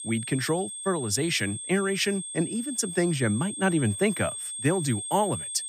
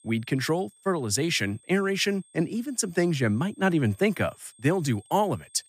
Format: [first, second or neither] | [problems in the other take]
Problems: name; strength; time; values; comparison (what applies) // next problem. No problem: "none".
second | high-pitched whine; loud; throughout; 8.5 kHz, 7 dB below the speech; faint in the second